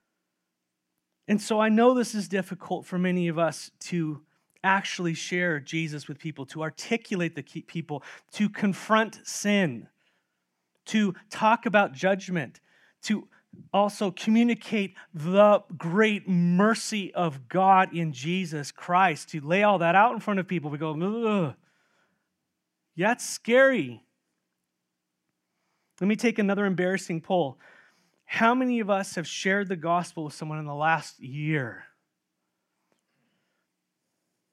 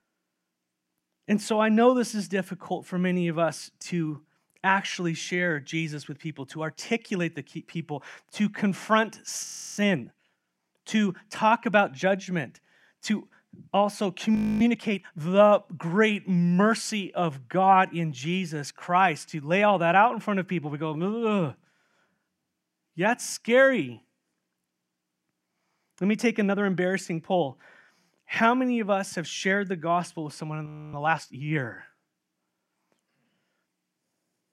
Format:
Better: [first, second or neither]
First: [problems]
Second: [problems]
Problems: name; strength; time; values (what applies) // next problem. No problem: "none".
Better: first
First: none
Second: audio freezing; at 9.5 s, at 14 s and at 31 s